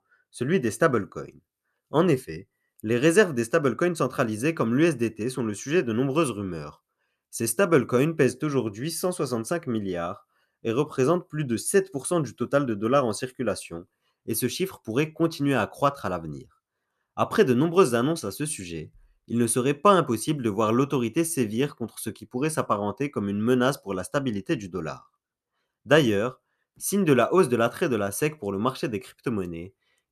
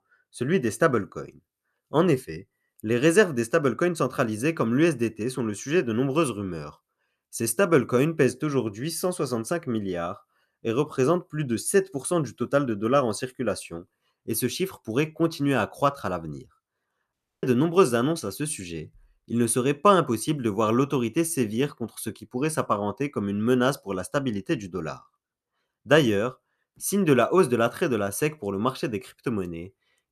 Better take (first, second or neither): first